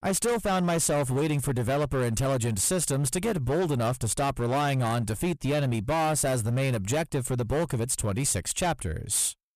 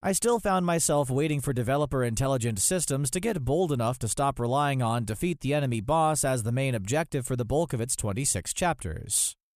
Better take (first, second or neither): second